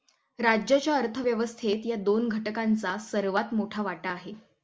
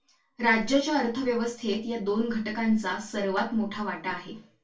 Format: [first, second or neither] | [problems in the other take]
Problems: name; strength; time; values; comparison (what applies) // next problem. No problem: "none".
first | room echo; dies away in 0.2 s